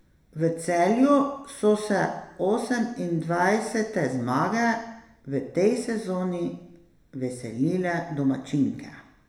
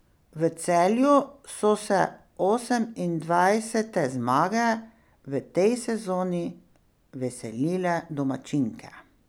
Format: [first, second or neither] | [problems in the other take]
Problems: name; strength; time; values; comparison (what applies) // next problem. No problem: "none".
second | room echo; dies away in 0.8 s